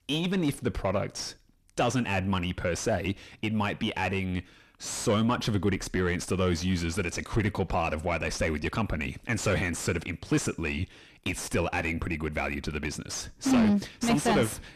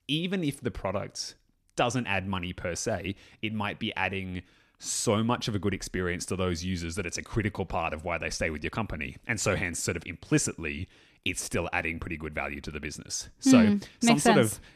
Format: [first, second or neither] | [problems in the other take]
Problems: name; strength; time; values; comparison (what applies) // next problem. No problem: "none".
second | distortion; heavy; 6 dB below the speech